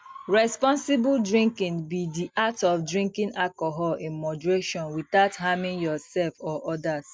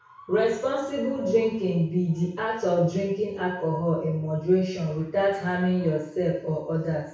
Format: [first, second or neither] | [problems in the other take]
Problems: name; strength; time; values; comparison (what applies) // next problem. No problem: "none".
first | room echo; dies away in 0.6 s